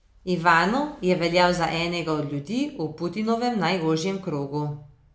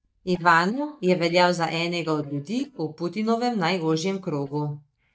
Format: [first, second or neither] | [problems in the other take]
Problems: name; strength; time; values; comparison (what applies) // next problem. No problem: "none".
first | noise reduction (neural mask model DeepFilterNet 3)